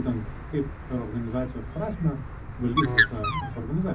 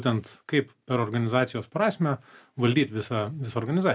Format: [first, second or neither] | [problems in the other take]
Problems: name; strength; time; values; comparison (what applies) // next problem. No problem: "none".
second | background sound (Bird); 1 dB below the speech // room echo; dies away in 0.4 s